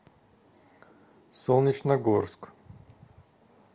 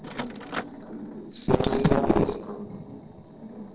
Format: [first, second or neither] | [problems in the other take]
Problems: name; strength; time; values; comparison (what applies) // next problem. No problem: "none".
first | noise reduction (neural separator model SepFormer DNS4)